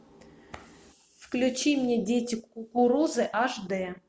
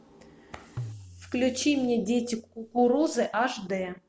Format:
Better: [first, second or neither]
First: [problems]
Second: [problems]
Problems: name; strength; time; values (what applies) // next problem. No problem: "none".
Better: first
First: none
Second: background sound (Tabla); 16 dB below the speech